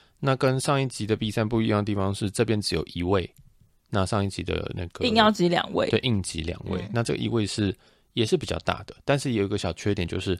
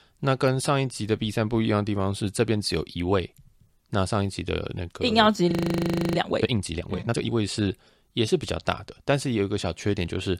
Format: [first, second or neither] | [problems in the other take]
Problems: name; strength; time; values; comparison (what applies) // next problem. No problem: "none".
first | audio freezing; at 5.5 s for 0.5 s